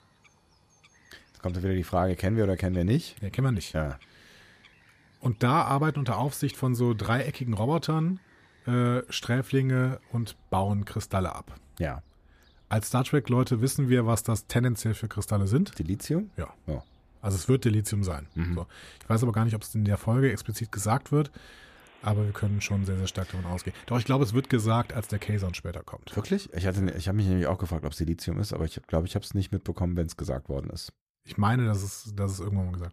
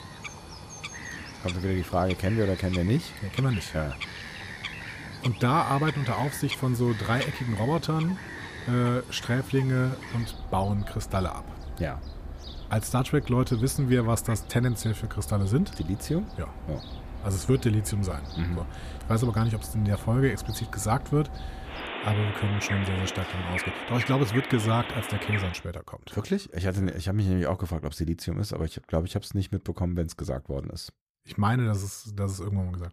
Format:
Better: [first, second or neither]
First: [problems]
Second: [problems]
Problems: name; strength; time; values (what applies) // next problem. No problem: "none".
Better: first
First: animal sounds; faint; until 26 s; 30 dB below the speech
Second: animal sounds; loud; until 26 s; 9 dB below the speech